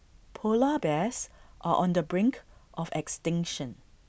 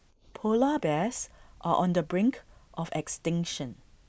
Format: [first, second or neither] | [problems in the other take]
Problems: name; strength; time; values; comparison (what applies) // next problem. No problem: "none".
first | noise reduction (neural mask model Resemble Enhance denoiser)